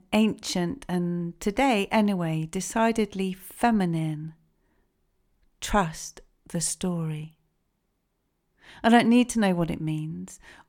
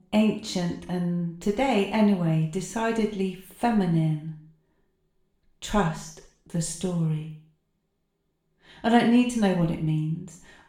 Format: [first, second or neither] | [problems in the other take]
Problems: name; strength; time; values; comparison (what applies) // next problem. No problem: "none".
first | room echo; noticeable; dies away in 0.5 s // off-mic speech; far